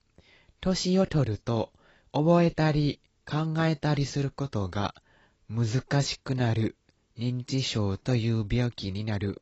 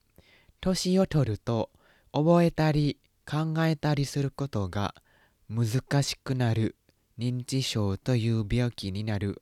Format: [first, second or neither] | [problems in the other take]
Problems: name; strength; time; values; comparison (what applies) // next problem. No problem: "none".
second | garbled, watery; badly; nothing above 7.5 kHz